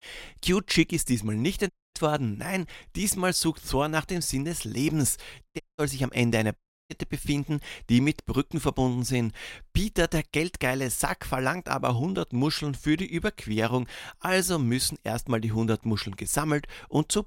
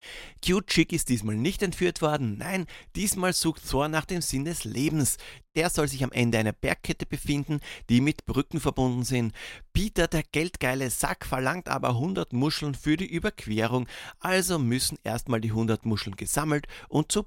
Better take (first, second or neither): second